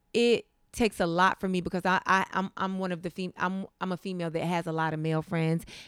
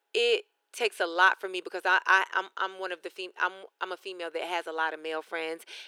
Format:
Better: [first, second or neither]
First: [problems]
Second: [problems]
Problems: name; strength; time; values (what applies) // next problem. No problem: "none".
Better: first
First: none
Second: thin; very; fading below 350 Hz